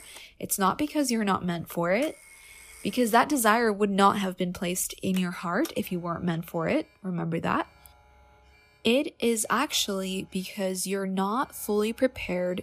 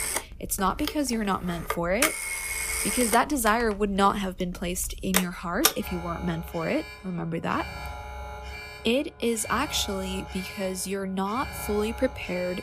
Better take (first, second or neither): first